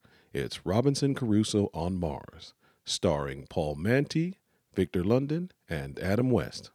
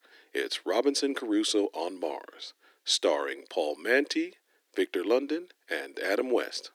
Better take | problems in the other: first | thin; somewhat; fading below 300 Hz

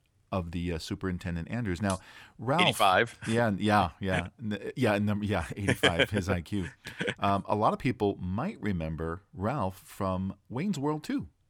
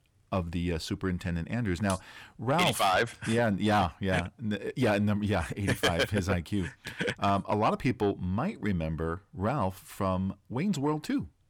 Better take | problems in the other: first | distortion; slight; 10 dB below the speech

